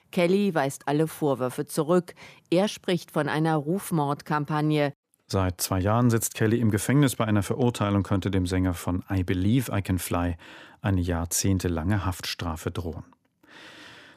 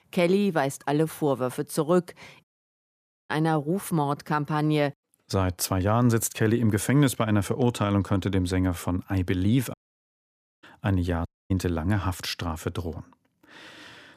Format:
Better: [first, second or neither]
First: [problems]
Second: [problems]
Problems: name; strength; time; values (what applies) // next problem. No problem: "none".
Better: first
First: none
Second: audio cutting out; at 2.5 s for 1 s, at 9.5 s for 1 s and at 11 s